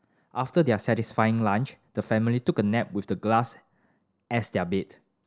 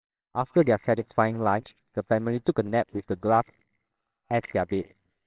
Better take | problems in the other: first | noise reduction (neural separator model SepFormer WHAMR!)

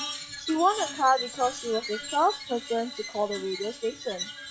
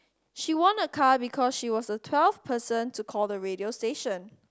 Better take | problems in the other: second | noise reduction (classical method log-MMSE)

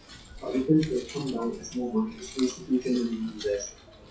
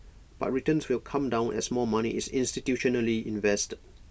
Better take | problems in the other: second | noise reduction (classical method WPE with log-MMSE)

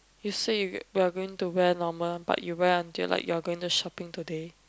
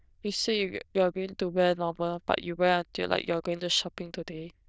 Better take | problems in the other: first | noise reduction (neural diffusion model UNIVERSE++)

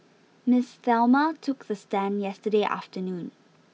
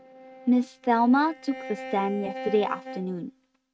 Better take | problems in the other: first | noise reduction (neural mask model RNNoise)

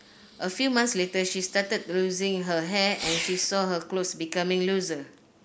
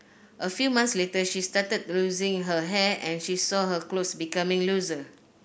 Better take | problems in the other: second | background sound (Fireworks); 14 dB below the speech

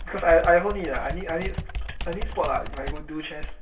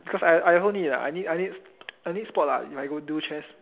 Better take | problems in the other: second | background sound (Computer keyboard); 7 dB below the speech // room echo; dies away in 0.2 s

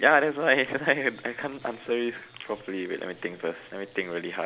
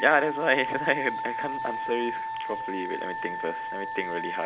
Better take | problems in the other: first | background sound (Wind instrument, woodwind instrument); 4 dB below the speech

